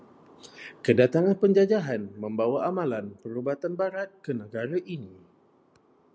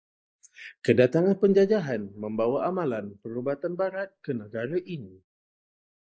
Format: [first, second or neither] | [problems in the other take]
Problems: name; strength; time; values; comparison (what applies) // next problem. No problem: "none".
first | noise reduction (neural mask model Resemble Enhance denoiser)